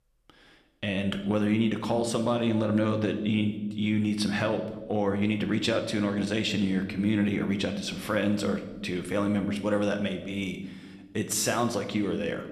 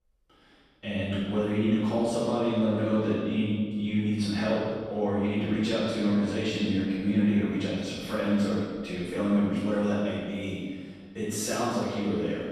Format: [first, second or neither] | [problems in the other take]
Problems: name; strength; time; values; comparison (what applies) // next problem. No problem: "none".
first | room echo; strong; dies away in 1.5 s; slight in the first // off-mic speech; far